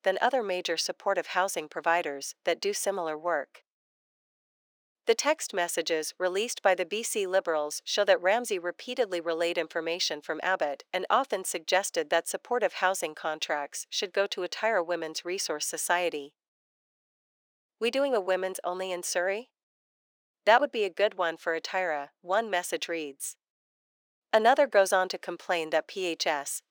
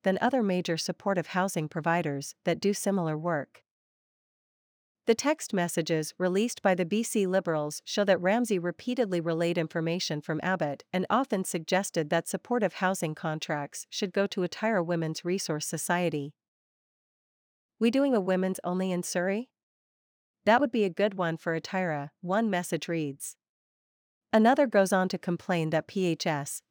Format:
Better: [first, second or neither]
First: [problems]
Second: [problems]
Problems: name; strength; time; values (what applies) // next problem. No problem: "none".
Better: second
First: thin; very; fading below 400 Hz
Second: none